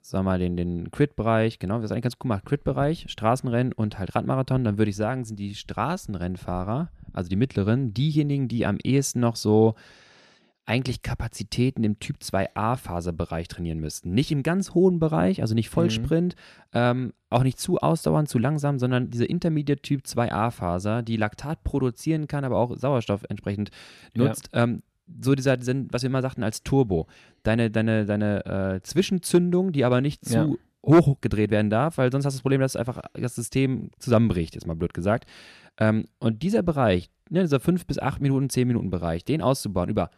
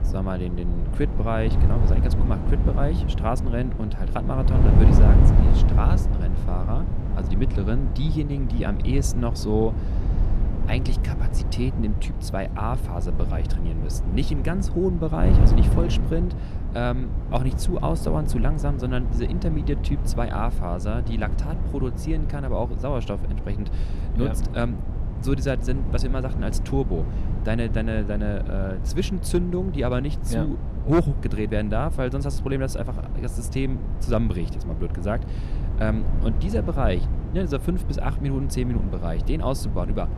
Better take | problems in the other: first | wind noise on the microphone; heavy; 7 dB below the speech

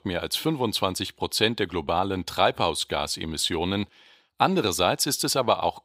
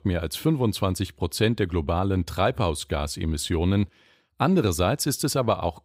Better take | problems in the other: second | thin; somewhat; fading below 350 Hz

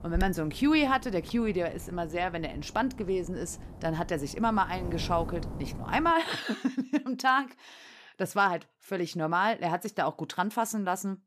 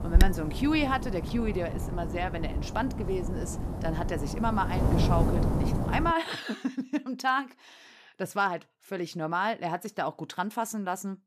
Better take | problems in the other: first | wind noise on the microphone; heavy; until 6 s; 7 dB below the speech; occasional gusts in the first

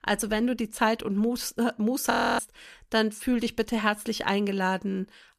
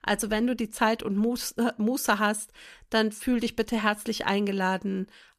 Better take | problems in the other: second | audio freezing; at 2 s

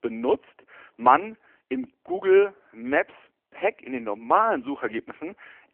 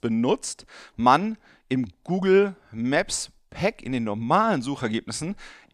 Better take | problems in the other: second | phone-call audio; poor line

